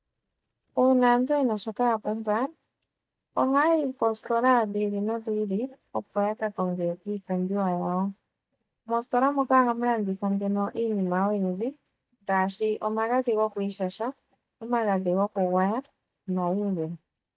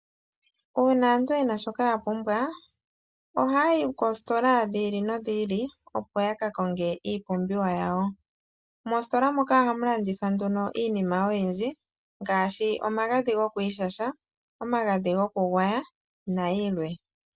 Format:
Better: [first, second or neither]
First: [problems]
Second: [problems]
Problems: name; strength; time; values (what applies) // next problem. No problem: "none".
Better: second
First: noise reduction (neural mask model DeepFilterNet 3)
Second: none